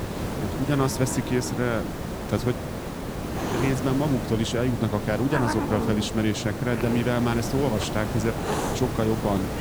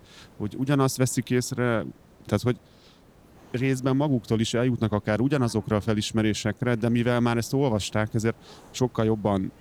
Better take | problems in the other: second | hiss; loud; throughout; 4 dB below the speech; faint in the second

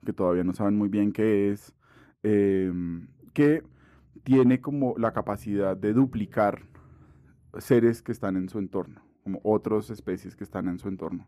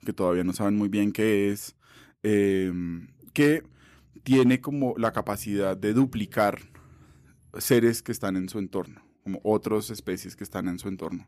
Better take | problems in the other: second | muffled; slightly; fading above 2 kHz

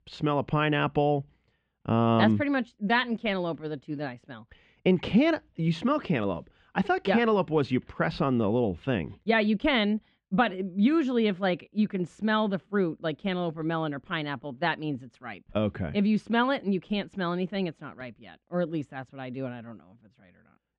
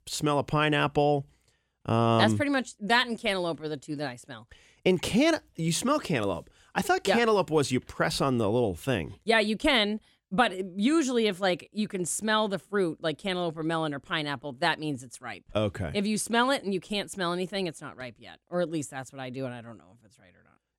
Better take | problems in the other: second | muffled; slightly; fading above 3 kHz

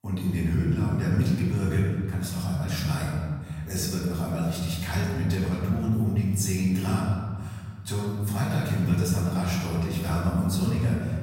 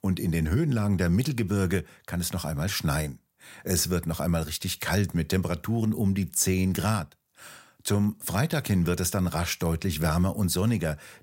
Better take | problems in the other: second | off-mic speech; far // room echo; noticeable; dies away in 2.4 s

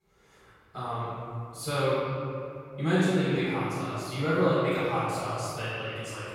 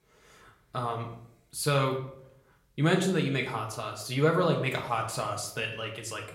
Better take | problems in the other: second | room echo; strong; dies away in 2.4 s; slight in the second // off-mic speech; far; somewhat distant in the second

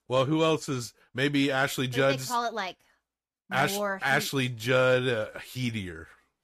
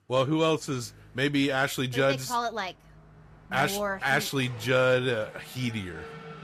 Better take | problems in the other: first | traffic noise; faint; throughout; 20 dB below the speech

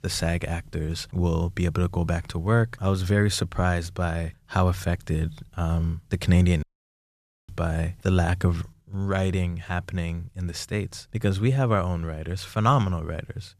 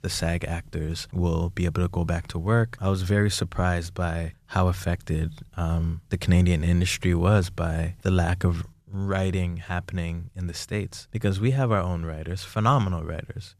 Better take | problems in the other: second | audio cutting out; at 6.5 s for 1 s

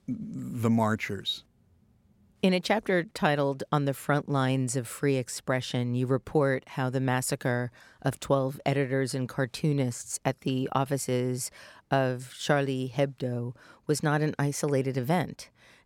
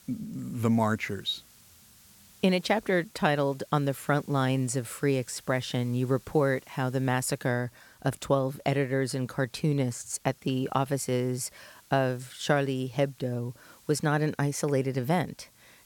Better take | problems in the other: first | hiss; faint; throughout; 25 dB below the speech

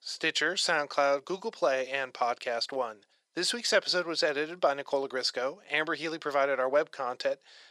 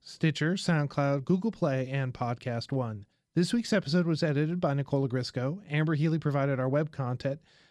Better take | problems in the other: second | thin; very; fading below 500 Hz

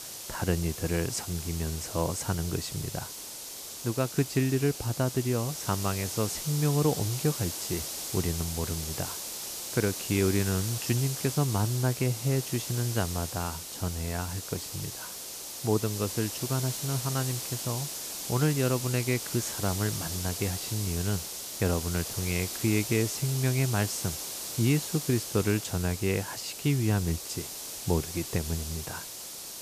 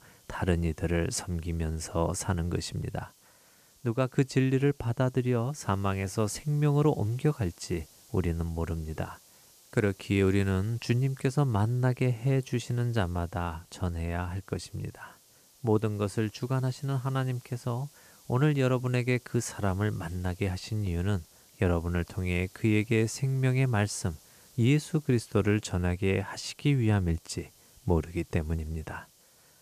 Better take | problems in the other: second | hiss; loud; throughout; 5 dB below the speech; faint in the second

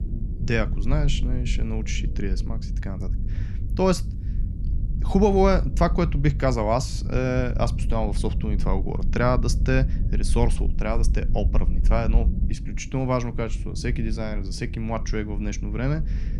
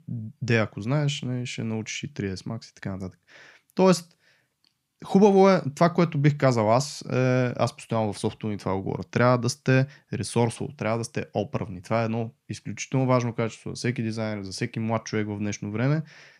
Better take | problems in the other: second | low rumble; noticeable; throughout; 15 dB below the speech

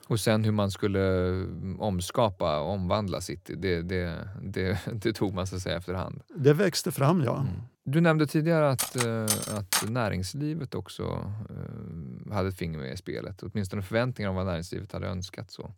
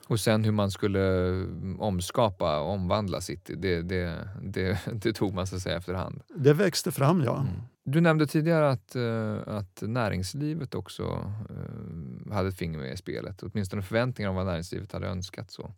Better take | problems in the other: second | clattering dishes; loud; from 9 to 10 s; peak 1 dB above the speech

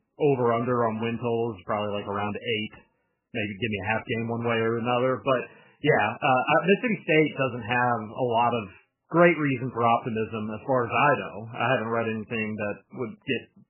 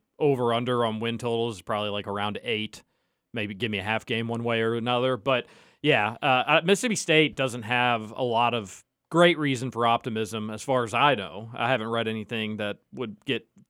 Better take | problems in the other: second | garbled, watery; badly; nothing above 3 kHz

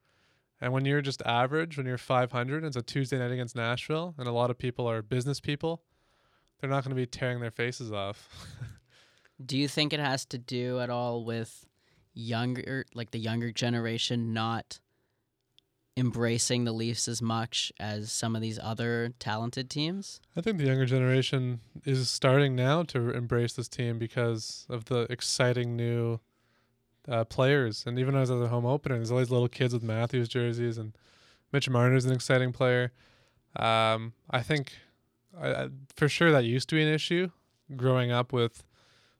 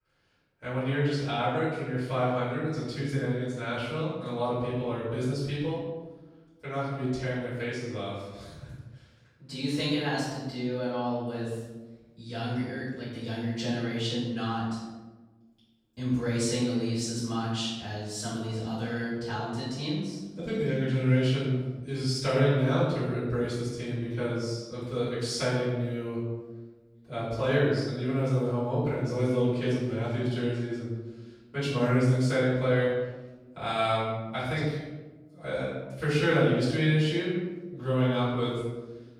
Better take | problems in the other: first | off-mic speech; far // room echo; strong; dies away in 1.1 s

